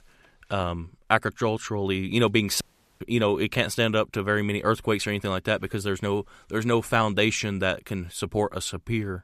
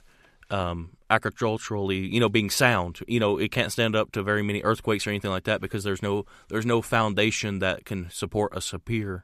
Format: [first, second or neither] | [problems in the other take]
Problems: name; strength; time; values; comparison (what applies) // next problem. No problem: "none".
second | audio cutting out; at 2.5 s